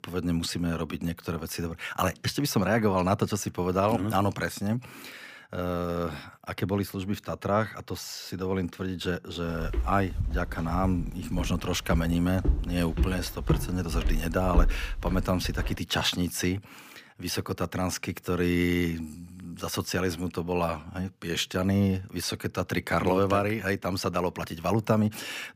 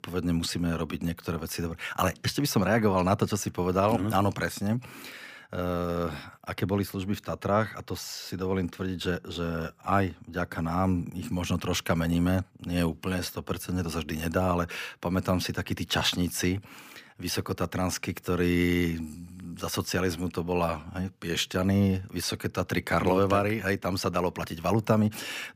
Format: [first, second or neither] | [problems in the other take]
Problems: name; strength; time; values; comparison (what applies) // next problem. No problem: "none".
second | footsteps; loud; from 9.5 to 16 s; peak level with the speech